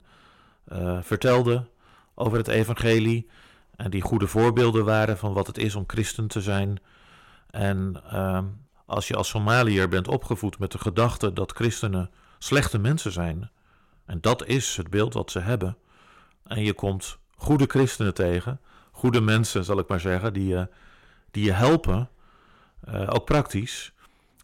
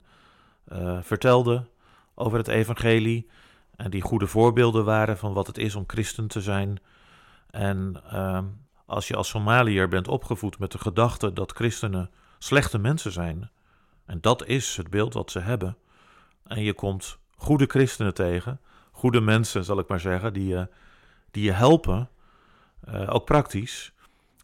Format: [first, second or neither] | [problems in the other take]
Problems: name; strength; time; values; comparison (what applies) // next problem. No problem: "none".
second | distortion; slight; 2% of the sound clipped